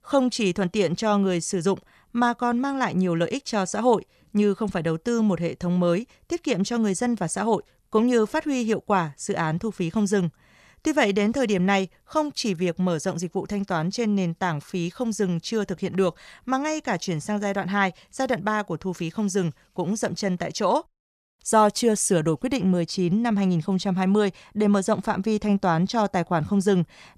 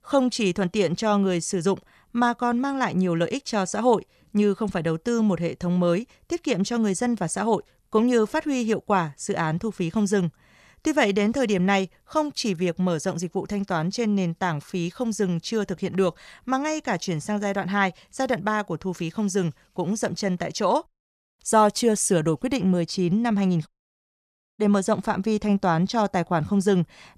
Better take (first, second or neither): first